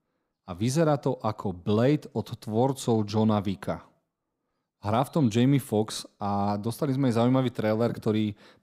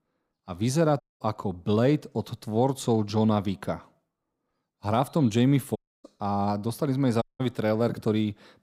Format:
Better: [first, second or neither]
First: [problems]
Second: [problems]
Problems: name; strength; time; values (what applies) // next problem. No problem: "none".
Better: first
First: none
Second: audio cutting out; at 1 s, at 6 s and at 7 s